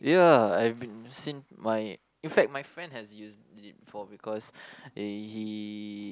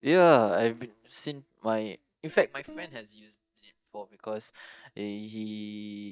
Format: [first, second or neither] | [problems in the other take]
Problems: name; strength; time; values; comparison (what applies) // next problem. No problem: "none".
first | noise reduction (neural mask model DeepFilterNet 3)